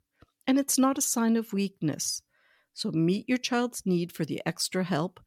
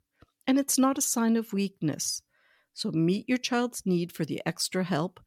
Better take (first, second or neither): neither